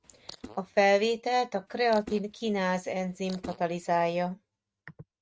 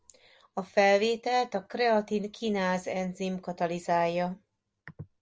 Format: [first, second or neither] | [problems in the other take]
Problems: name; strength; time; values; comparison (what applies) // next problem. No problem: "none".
second | noise reduction (neural mask model RNNoise)